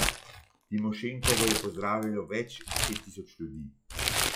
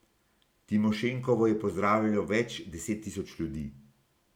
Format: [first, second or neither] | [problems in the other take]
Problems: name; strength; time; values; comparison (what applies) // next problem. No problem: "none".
second | noise reduction (classical method log-MMSE)